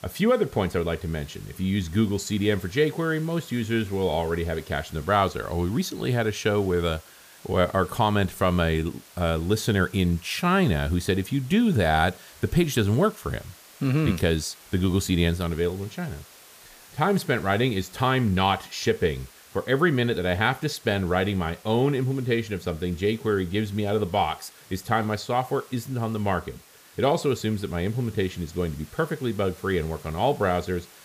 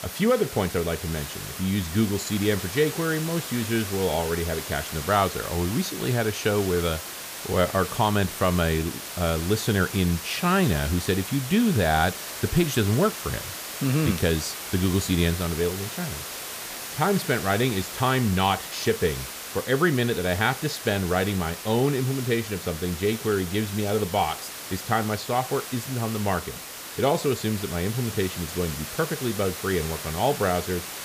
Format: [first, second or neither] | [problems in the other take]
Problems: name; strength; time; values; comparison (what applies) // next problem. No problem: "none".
first | hiss; loud; throughout; 8 dB below the speech; faint in the first